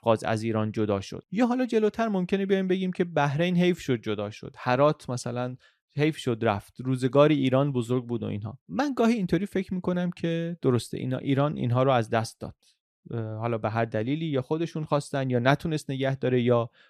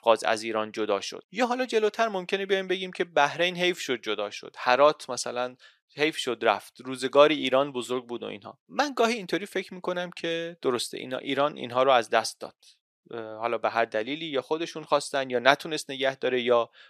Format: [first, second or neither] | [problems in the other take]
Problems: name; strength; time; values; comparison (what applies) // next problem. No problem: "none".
first | thin; somewhat; fading below 500 Hz